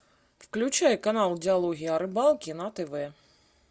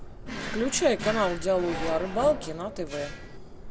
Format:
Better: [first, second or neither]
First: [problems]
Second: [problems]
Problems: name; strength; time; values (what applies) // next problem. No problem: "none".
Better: first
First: none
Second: background sound (Subway, metro, underground + Drawer open or close); 7 dB below the speech